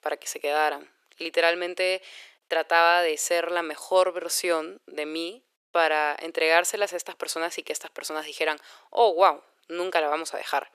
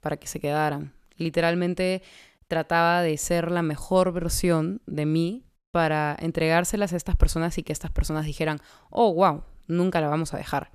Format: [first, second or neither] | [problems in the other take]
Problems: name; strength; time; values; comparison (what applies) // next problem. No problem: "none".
second | thin; very; fading below 400 Hz